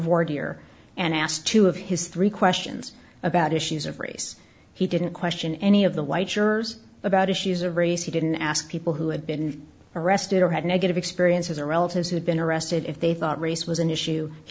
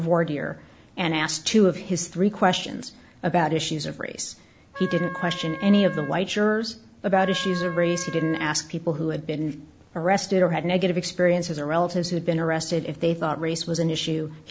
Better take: first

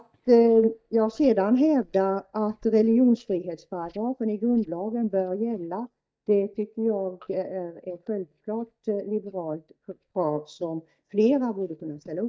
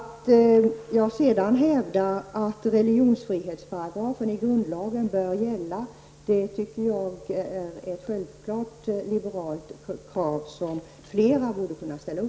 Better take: second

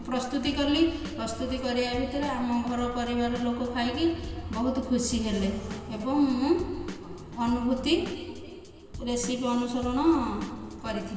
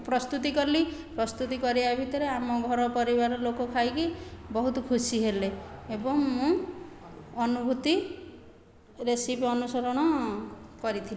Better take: second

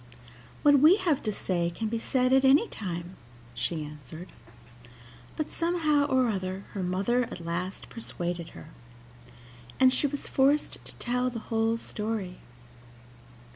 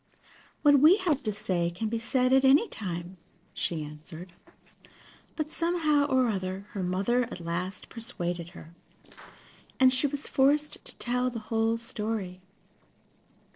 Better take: first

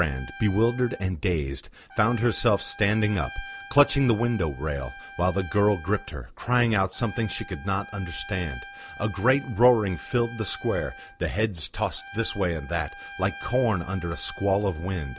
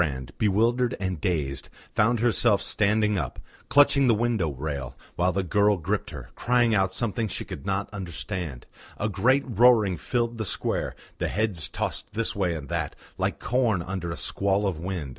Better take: second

